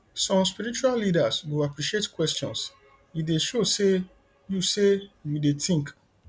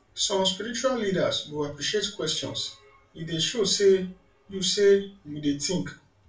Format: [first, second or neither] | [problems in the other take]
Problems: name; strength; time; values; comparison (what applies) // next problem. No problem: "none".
first | room echo; dies away in 0.3 s